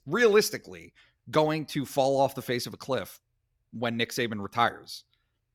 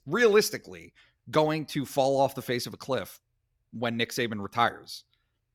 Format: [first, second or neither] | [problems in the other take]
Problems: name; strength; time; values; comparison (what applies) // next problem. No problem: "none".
neither | none